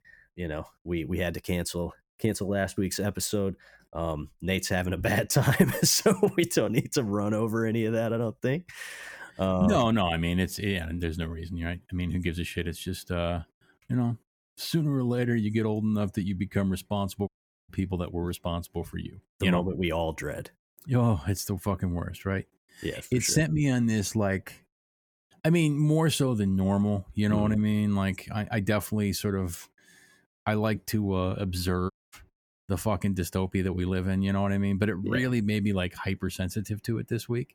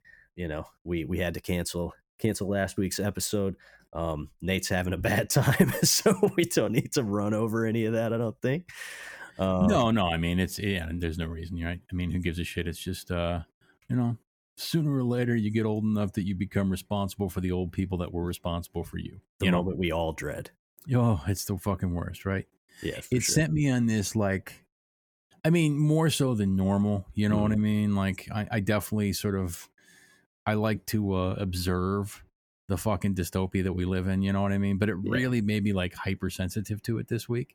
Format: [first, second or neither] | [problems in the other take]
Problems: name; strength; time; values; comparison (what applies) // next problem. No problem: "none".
second | audio cutting out; at 17 s and at 32 s